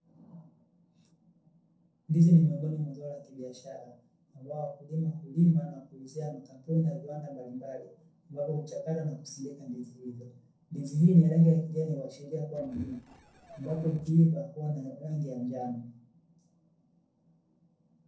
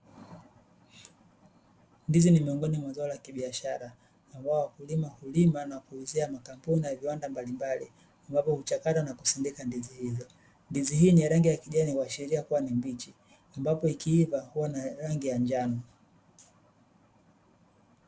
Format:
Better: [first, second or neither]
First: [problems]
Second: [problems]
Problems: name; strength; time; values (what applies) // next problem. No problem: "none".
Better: second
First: noise reduction (neural separator model SepFormer DNS4)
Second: none